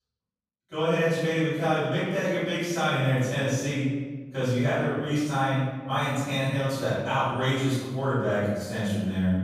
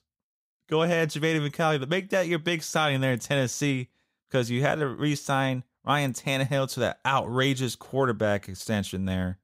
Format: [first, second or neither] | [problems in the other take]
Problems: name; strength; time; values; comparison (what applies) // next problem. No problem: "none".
second | off-mic speech; far // room echo; strong; dies away in 1.2 s